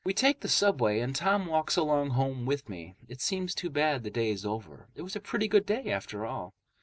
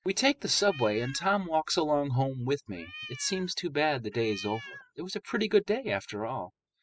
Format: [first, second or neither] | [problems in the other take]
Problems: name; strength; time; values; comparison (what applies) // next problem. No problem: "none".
first | noise reduction (classical method spectral subtraction)